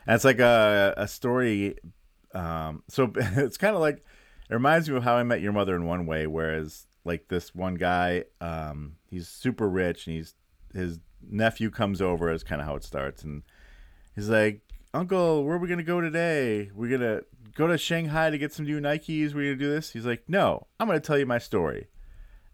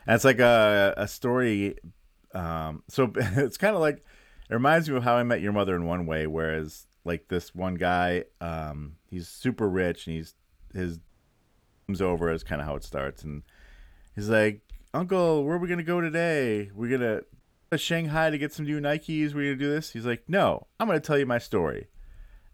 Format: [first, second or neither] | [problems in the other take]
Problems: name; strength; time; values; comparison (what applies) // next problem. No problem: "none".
first | audio cutting out; at 11 s for 1 s and at 17 s